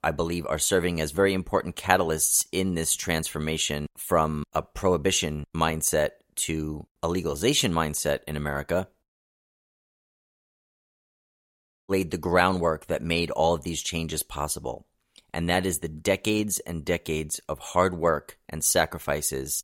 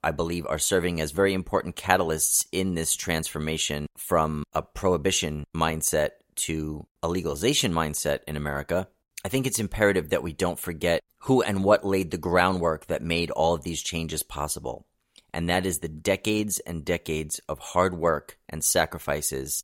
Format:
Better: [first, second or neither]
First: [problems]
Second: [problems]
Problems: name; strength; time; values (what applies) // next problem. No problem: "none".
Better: second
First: audio cutting out; at 9 s for 3 s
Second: none